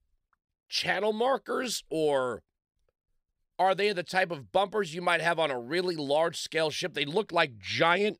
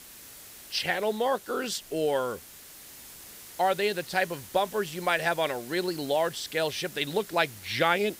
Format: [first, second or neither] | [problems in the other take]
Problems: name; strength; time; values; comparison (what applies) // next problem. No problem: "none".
first | hiss; noticeable; throughout; 15 dB below the speech